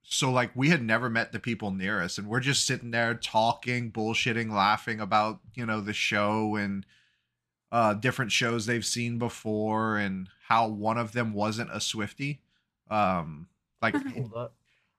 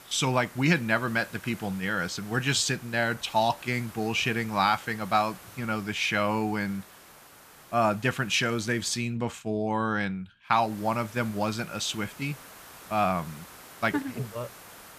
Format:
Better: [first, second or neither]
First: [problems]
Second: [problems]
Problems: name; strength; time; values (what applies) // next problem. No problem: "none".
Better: first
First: none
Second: hiss; noticeable; until 9 s and from 11 s on; 20 dB below the speech